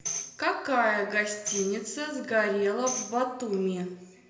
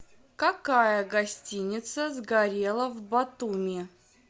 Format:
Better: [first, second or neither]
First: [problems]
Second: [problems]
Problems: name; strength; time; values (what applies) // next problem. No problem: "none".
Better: second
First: background sound (Tambourine); 11 dB below the speech // room echo; dies away in 0.8 s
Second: none